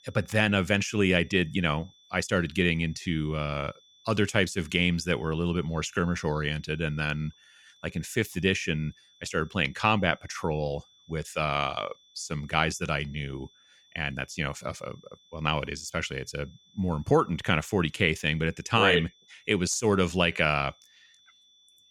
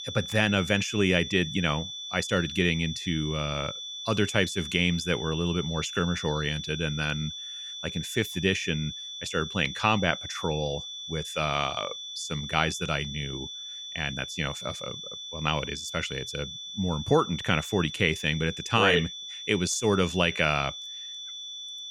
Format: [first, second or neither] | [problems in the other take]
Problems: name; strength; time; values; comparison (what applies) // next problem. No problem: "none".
first | high-pitched whine; loud; throughout; 3.5 kHz, 8 dB below the speech; faint in the first